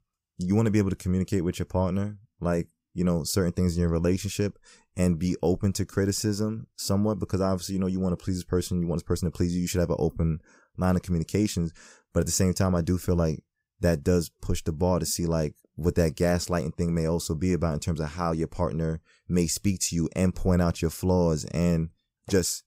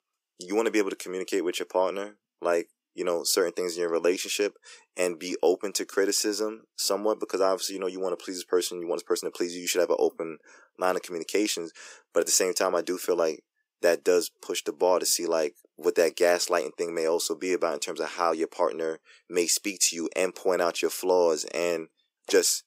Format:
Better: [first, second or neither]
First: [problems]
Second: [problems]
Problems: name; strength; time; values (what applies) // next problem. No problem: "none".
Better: first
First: none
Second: thin; very; fading below 350 Hz